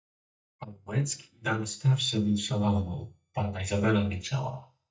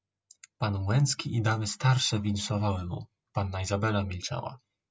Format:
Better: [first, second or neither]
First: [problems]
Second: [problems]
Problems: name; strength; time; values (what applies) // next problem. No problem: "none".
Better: second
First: noise reduction (neural mask model DeepFilterNet 3)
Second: none